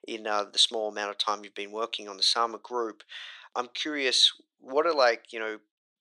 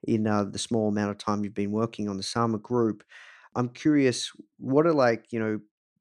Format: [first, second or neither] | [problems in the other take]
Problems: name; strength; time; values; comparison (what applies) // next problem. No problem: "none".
second | thin; very; fading below 550 Hz